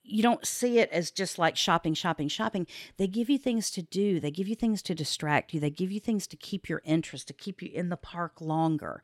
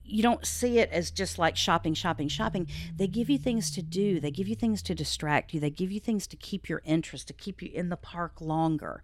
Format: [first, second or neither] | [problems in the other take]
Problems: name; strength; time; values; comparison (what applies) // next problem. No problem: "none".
first | low rumble; faint; throughout; 25 dB below the speech